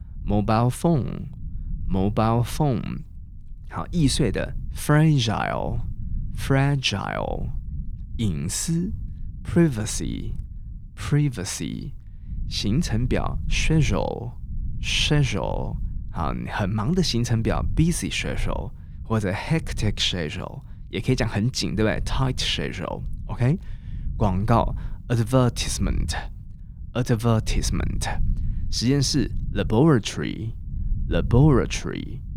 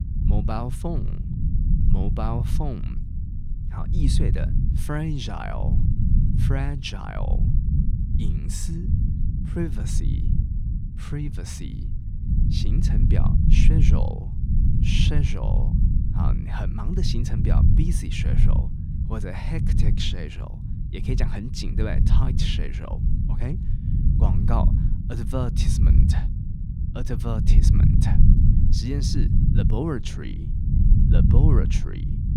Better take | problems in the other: first | low rumble; loud; throughout; 2 dB below the speech; faint in the first

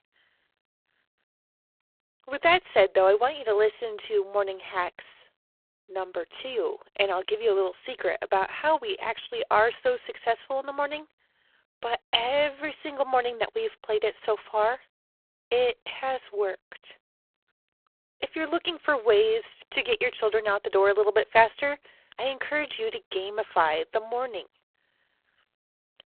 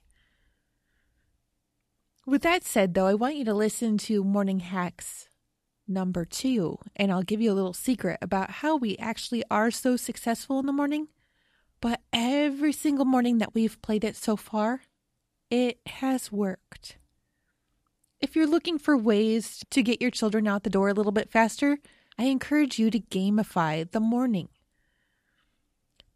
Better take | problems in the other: second | phone-call audio; poor line

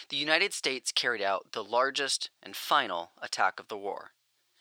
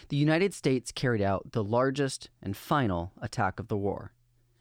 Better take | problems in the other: second | thin; very; fading below 750 Hz

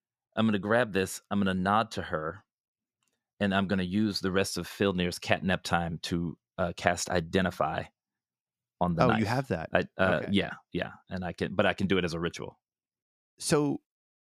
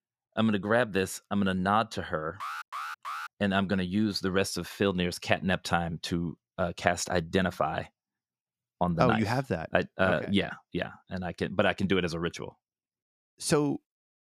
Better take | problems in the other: first | alarm; noticeable; at 2.5 s; peak 7 dB below the speech

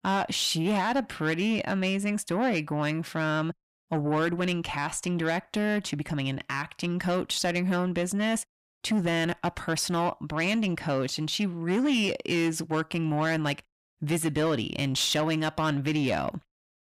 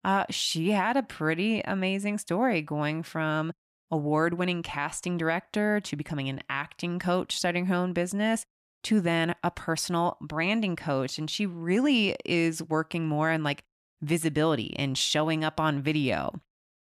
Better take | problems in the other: second | distortion; slight; 10 dB below the speech

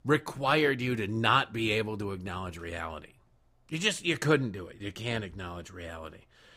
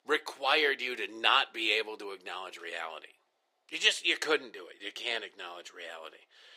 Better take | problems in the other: first | thin; very; fading below 400 Hz

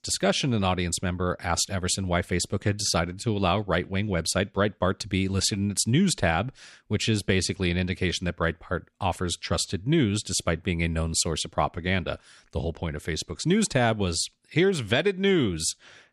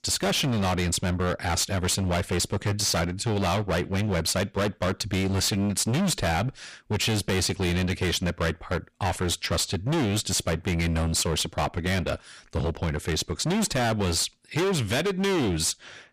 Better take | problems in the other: first | distortion; heavy; 28% of the sound clipped

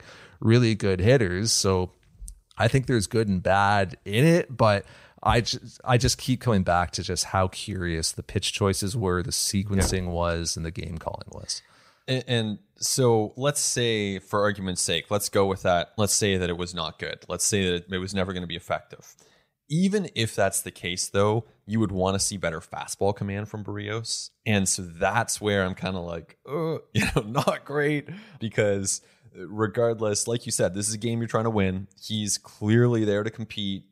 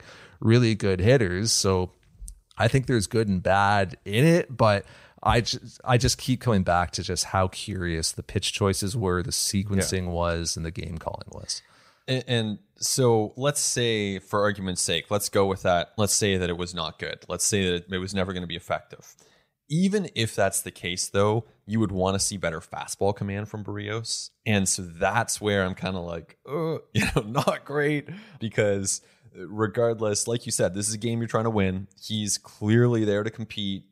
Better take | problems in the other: second | door banging; noticeable; at 10 s; peak 7 dB below the speech

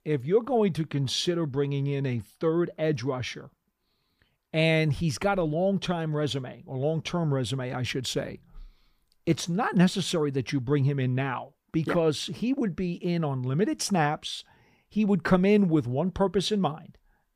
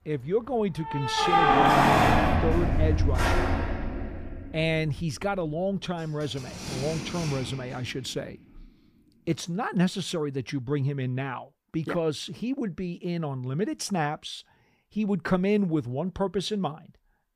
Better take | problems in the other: first | household noises; very loud; until 7.5 s; 5 dB above the speech

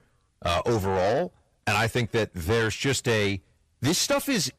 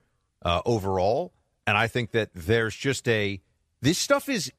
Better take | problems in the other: second | distortion; heavy; 7 dB below the speech

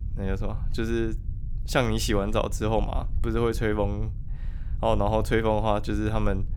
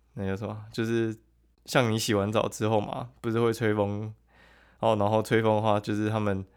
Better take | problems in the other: second | low rumble; faint; throughout; 25 dB below the speech

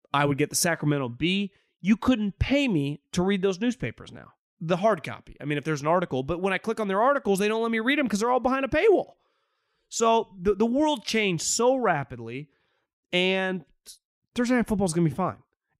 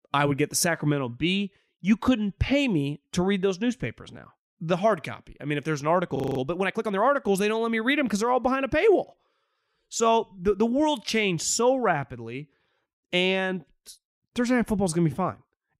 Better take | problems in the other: first | audio freezing; at 6 s

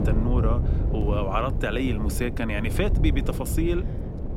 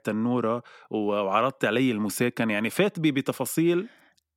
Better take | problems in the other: second | wind noise on the microphone; heavy; 8 dB below the speech

